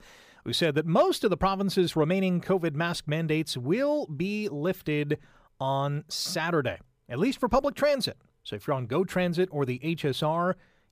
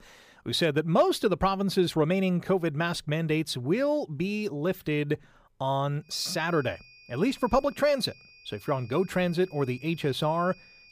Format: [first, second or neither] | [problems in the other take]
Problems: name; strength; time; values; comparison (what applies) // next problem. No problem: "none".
first | high-pitched whine; faint; from 6 s on; 2.5 kHz, 25 dB below the speech